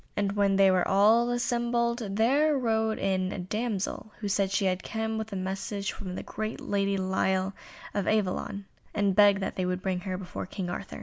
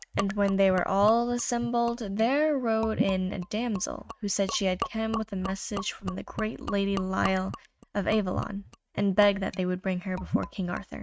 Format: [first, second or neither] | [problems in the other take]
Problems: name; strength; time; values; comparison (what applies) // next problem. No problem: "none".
first | noise reduction (neural mask model RNNoise)